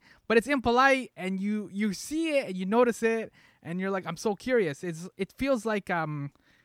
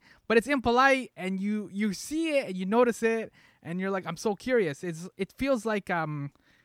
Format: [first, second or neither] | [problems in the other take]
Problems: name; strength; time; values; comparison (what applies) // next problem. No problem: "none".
neither | none